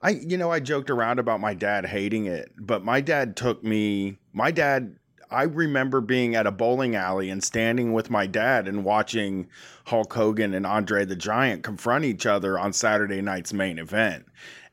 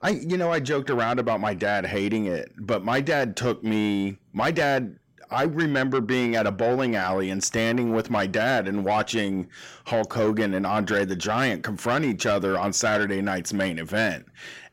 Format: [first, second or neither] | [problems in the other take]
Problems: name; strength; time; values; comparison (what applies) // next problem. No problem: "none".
first | distortion; slight; 10 dB below the speech